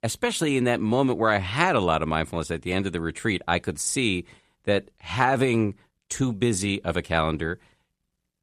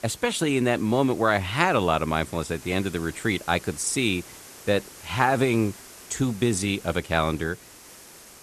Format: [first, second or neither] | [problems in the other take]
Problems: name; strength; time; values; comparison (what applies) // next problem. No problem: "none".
first | hiss; noticeable; throughout; 20 dB below the speech